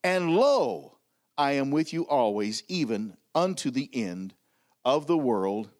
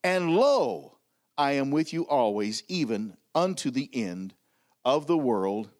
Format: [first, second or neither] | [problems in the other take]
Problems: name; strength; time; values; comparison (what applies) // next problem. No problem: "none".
neither | none